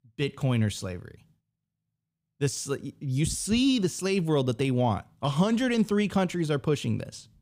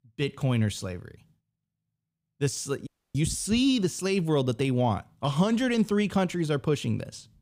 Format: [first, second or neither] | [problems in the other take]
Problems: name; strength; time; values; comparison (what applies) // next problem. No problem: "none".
first | audio cutting out; at 3 s